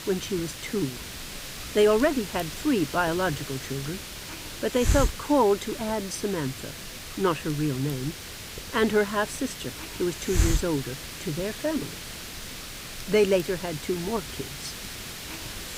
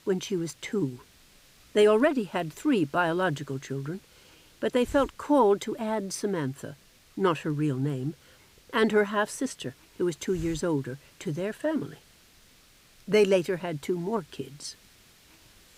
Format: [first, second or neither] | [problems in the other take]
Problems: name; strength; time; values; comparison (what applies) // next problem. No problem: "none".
second | hiss; loud; throughout; 7 dB below the speech; faint in the second